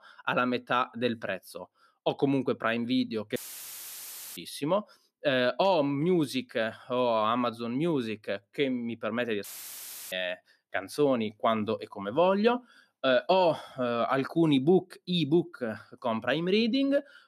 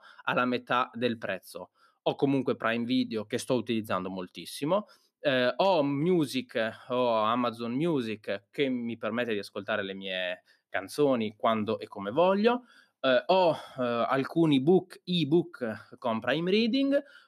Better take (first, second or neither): second